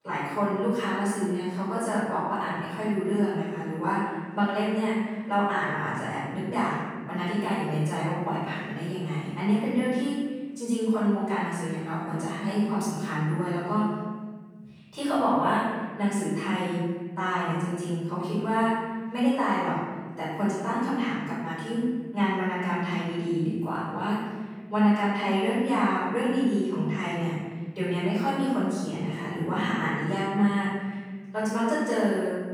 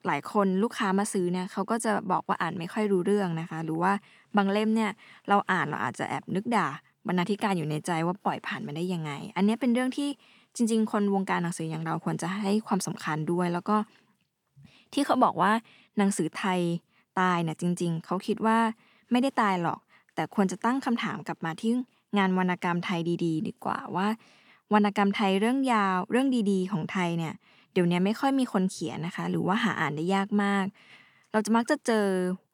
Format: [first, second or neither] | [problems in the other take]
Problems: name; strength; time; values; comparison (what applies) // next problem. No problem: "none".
second | off-mic speech; far // room echo; strong; dies away in 1.7 s